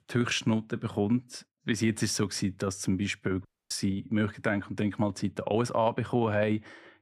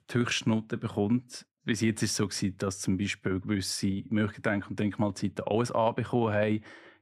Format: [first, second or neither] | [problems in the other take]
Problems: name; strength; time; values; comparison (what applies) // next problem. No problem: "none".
second | audio cutting out; at 3.5 s